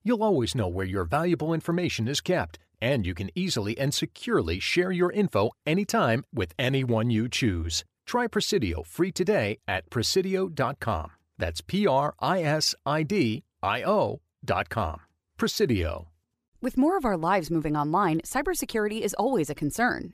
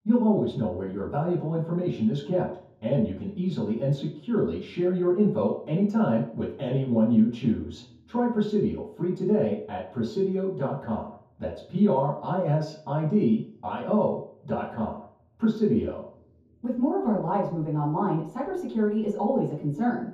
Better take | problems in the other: first | room echo; noticeable; dies away in 0.6 s // off-mic speech; far

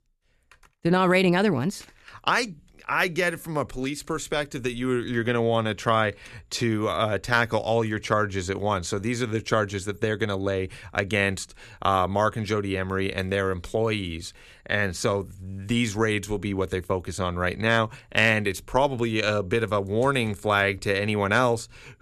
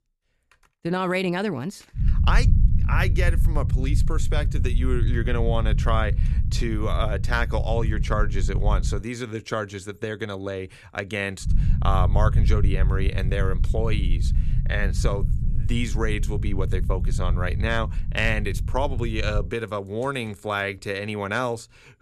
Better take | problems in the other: first | low rumble; noticeable; from 2 to 9 s and from 11 to 19 s; 10 dB below the speech

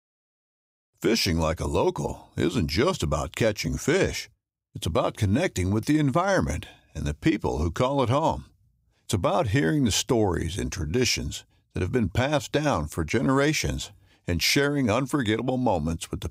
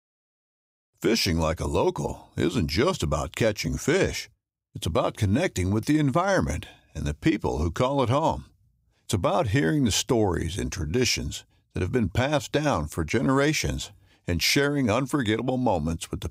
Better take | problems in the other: neither | none

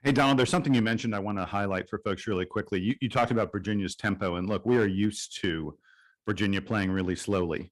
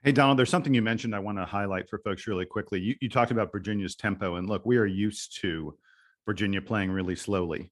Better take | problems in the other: second | distortion; slight; 2% of the sound clipped

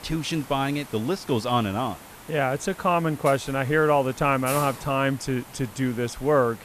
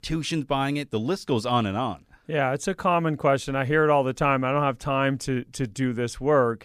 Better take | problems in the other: second | hiss; noticeable; throughout; 15 dB below the speech

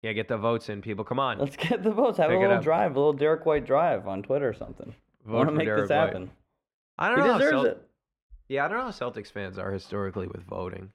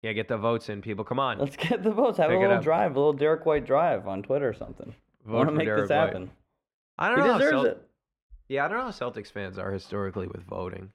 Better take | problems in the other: neither | muffled; slightly; fading above 4 kHz; the same in both

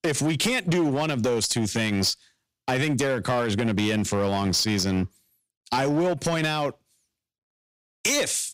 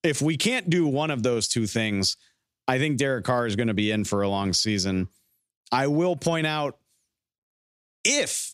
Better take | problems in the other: second | distortion; slight; 10% of the sound clipped

